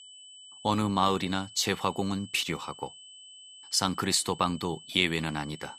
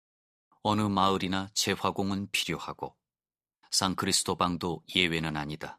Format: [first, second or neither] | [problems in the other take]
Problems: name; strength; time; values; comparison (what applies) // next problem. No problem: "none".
second | high-pitched whine; noticeable; throughout; 3 kHz, 20 dB below the speech